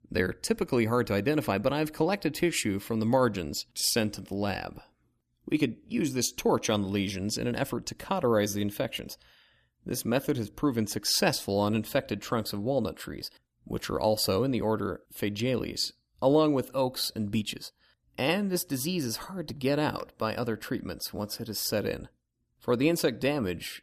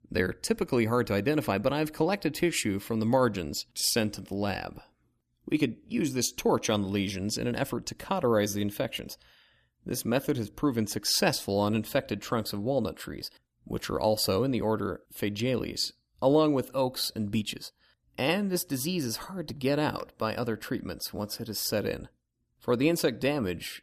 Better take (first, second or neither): neither